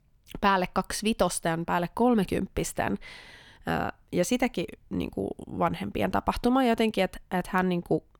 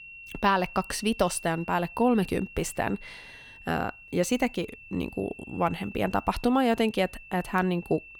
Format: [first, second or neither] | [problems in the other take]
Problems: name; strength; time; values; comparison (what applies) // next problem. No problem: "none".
first | high-pitched whine; noticeable; throughout; 2.5 kHz, 15 dB below the speech